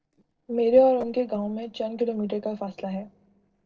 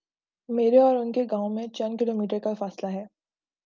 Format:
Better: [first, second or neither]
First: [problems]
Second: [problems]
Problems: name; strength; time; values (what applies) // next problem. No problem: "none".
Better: second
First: noise reduction (neural separator model SepFormer DNS4)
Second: none